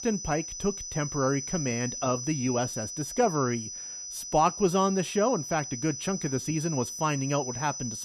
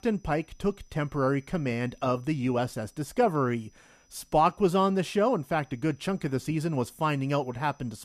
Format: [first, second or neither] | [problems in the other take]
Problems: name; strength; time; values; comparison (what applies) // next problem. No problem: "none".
second | high-pitched whine; loud; throughout; 6 kHz, 6 dB below the speech; faint in the second